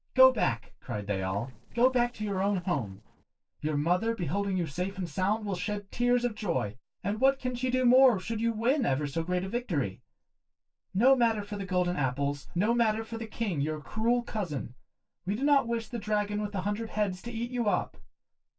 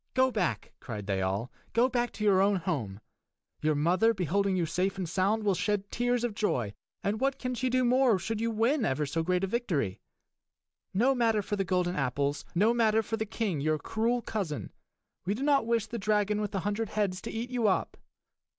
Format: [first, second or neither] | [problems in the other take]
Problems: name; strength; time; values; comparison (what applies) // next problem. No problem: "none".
second | noise reduction (neural separator model SepFormer DNS4)